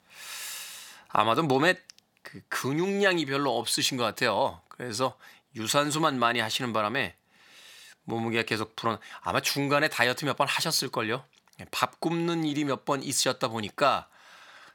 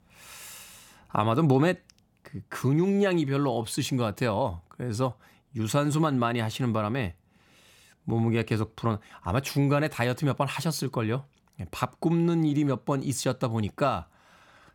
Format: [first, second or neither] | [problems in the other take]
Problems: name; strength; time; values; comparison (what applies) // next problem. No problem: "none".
second | thin; somewhat; fading below 700 Hz